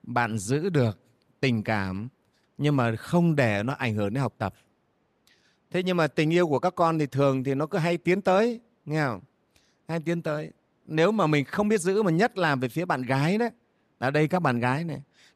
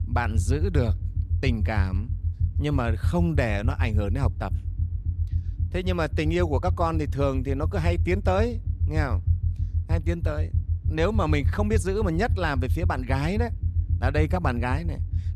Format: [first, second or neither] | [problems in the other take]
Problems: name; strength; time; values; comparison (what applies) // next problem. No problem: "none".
first | low rumble; noticeable; throughout; 15 dB below the speech